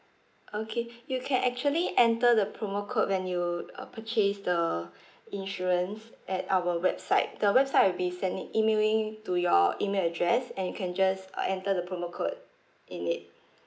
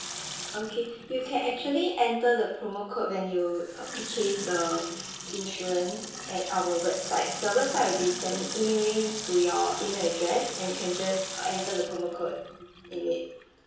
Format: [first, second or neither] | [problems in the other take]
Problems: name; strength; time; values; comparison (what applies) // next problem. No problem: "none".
first | background sound (Sink (filling or washing) / Water tap, faucet); 9 dB below the speech // room echo; dies away in 0.6 s